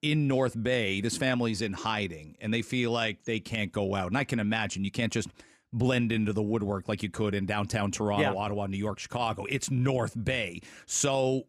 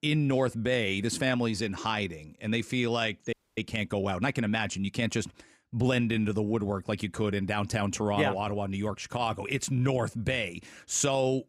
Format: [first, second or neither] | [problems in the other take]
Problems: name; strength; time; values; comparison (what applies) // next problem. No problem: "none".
first | audio freezing; at 3.5 s